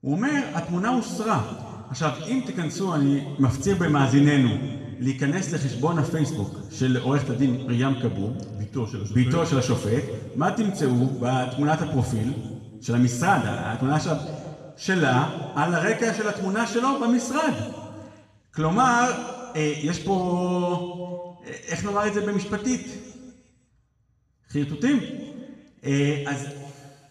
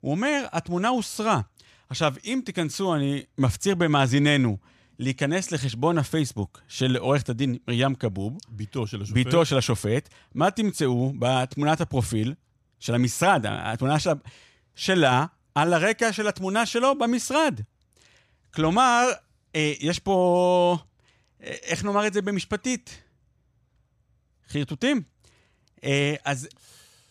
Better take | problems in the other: second | room echo; noticeable; dies away in 1.5 s // off-mic speech; far

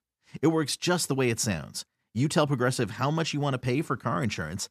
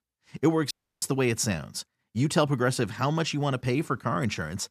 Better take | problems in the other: first | audio cutting out; at 0.5 s

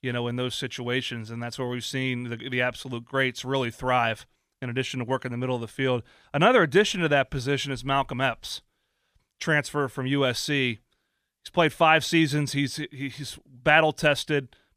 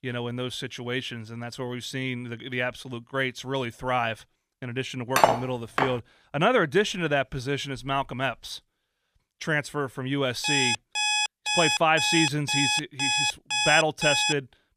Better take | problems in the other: first | clattering dishes; loud; at 5 s; peak 6 dB above the speech // alarm; loud; from 10 s on; peak 5 dB above the speech

